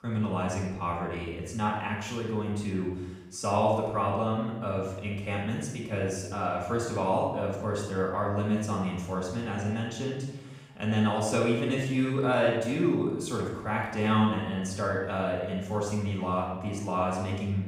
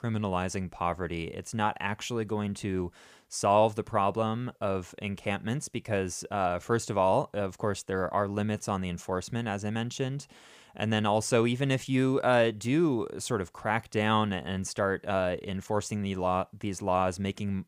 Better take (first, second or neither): second